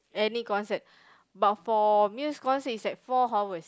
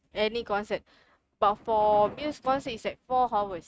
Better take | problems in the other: first | noise reduction (neural mask model RNNoise)

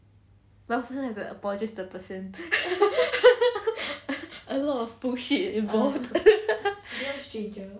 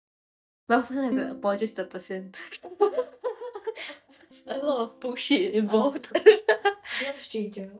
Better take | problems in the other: first | noise reduction (neural mask model DeepFilterNet 3)

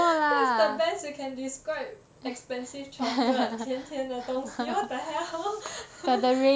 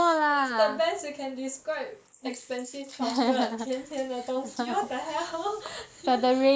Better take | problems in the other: first | noise reduction (neural mask model Resemble Enhance denoiser)

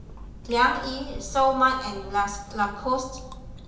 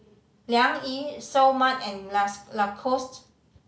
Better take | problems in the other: second | background sound (Chewing, mastication); 13 dB below the speech // room echo; dies away in 0.8 s

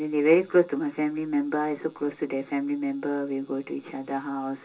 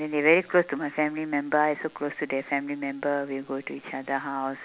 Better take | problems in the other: second | room echo; dies away in 0.2 s

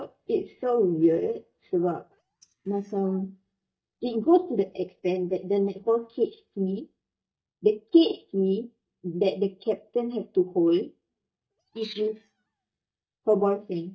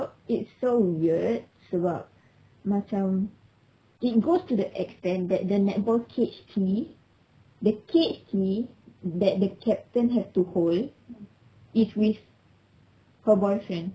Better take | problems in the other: second | noise reduction (neural mask model DeepFilterNet 3)

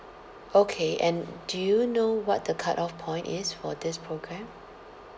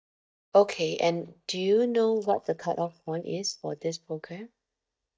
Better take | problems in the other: first | noise reduction (neural mask model DeepFilterNet 3)

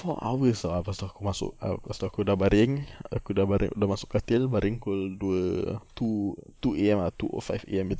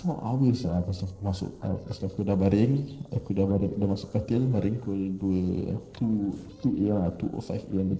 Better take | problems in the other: first | noise reduction (neural separator model SepFormer DNS4)

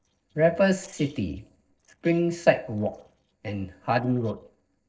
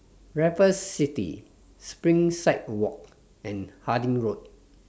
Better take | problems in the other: second | noise reduction (neural separator model SepFormer DNS4)

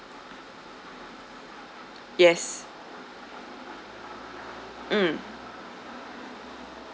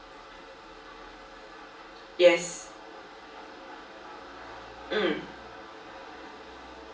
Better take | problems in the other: first | room echo; dies away in 0.3 s

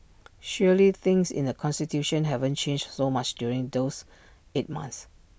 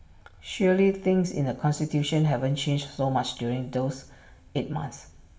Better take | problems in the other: first | room echo; dies away in 0.7 s

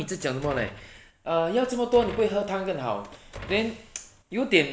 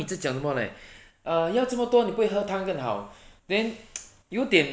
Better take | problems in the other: second | background sound (Door); 17 dB below the speech

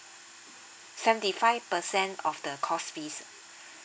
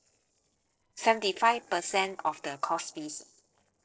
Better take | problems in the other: first | noise reduction (neural separator model SepFormer DNS4)

